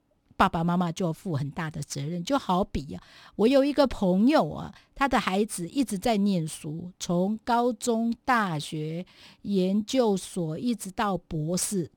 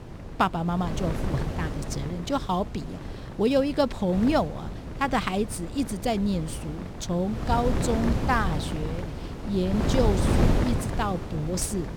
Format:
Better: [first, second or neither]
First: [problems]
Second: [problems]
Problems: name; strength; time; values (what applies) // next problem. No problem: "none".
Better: first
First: none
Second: wind noise on the microphone; heavy; 8 dB below the speech